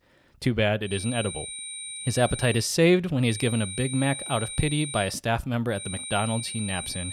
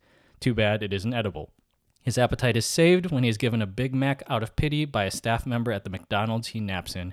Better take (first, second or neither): second